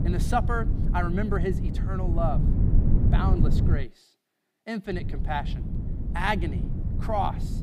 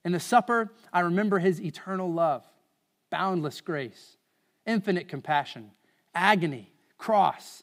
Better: second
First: low rumble; loud; until 4 s and from 5 s on; 9 dB below the speech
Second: none

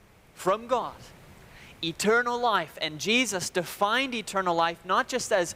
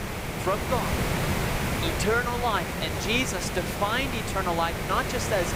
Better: first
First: hiss; faint; throughout; 30 dB below the speech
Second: hiss; loud; throughout; 1 dB below the speech

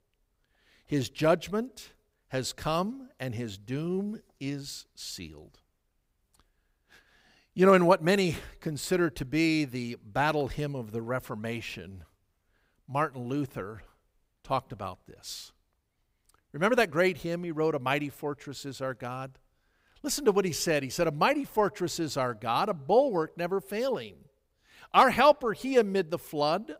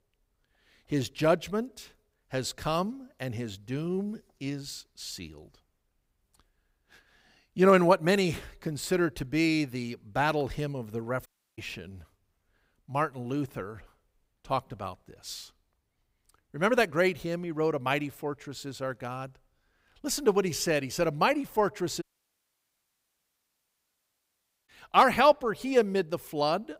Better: first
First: none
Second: audio cutting out; at 11 s and at 22 s for 2.5 s

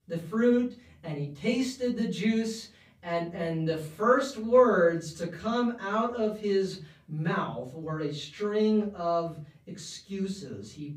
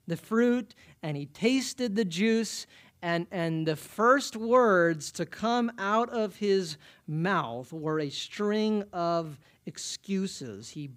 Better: second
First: off-mic speech; far // room echo; slight; dies away in 0.3 s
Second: none

